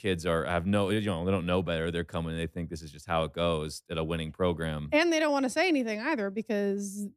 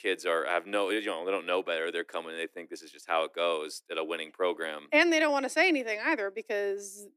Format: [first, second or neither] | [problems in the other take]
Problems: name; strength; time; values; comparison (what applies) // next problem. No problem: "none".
first | thin; somewhat; fading below 300 Hz